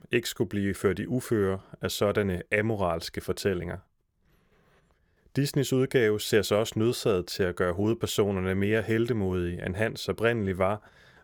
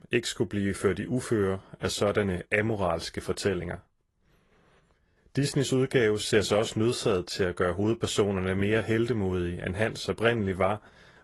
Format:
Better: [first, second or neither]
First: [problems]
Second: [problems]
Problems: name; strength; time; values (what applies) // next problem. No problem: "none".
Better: first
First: none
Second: garbled, watery; slightly; nothing above 11.5 kHz